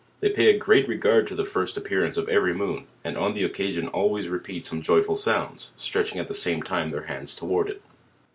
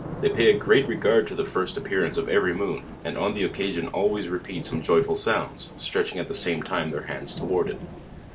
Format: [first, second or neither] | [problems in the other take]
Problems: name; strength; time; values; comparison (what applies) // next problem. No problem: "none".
first | background sound (Thunder / Rain); 13 dB below the speech